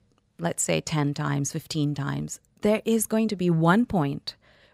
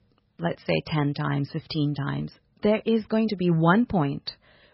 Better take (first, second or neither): first